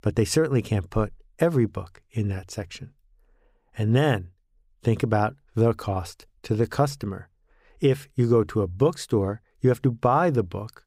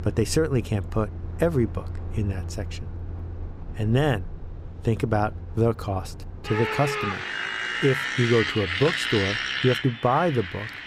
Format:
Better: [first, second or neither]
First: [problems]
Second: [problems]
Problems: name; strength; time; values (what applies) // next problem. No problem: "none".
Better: first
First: none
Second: traffic noise; loud; throughout; 5 dB below the speech